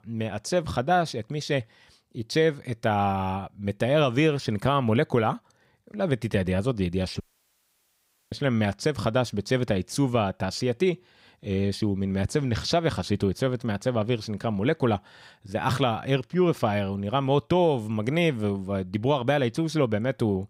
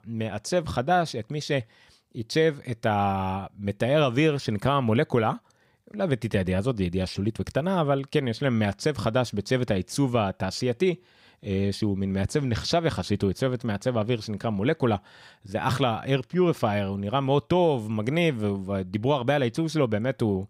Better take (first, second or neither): second